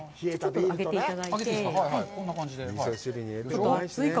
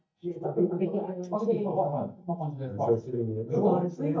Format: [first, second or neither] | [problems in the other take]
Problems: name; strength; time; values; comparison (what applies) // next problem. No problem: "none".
first | noise reduction (neural mask model DeepFilterNet 3)